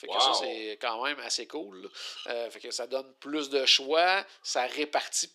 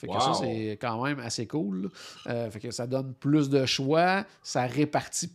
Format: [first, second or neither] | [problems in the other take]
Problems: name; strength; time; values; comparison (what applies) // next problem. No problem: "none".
second | thin; very; fading below 400 Hz